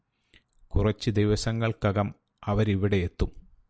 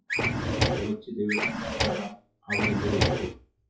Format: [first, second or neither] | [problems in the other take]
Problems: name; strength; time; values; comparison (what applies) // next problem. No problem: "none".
first | noise reduction (classical method WPE with log-MMSE)